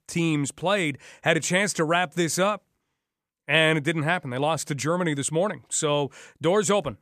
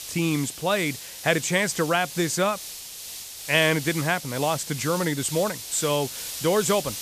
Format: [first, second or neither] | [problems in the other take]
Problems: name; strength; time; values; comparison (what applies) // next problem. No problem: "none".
first | hiss; loud; throughout; 9 dB below the speech